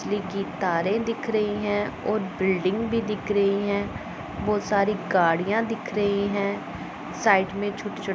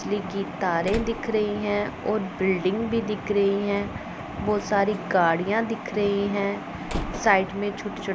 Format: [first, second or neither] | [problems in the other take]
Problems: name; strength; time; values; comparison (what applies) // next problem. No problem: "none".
first | background sound (Slam); 15 dB below the speech